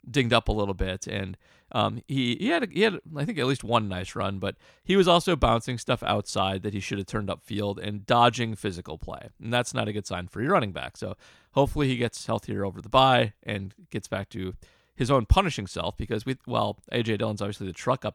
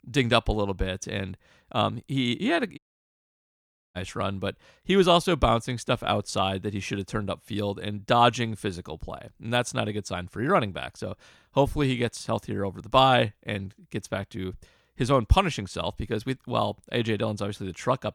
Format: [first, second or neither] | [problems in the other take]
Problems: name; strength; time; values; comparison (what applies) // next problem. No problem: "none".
first | audio cutting out; at 3 s for 1 s